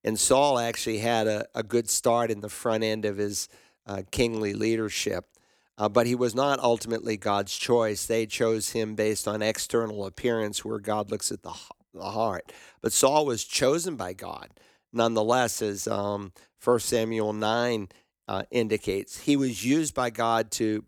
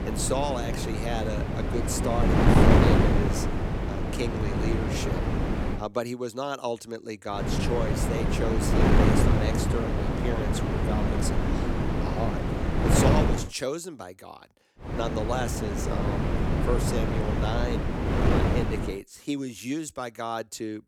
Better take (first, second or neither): first